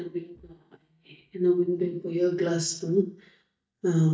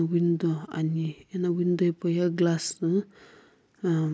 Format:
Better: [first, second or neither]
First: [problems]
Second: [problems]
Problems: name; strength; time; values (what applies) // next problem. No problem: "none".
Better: second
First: noise reduction (neural mask model DeepFilterNet 3)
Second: none